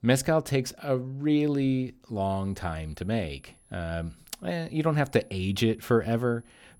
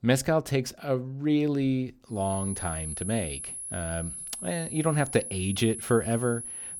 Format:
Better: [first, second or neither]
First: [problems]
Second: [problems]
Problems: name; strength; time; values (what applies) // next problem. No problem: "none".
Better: first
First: high-pitched whine; faint; from 2 s on; 10.5 kHz, 30 dB below the speech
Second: high-pitched whine; loud; from 2 s on; 10.5 kHz, 6 dB below the speech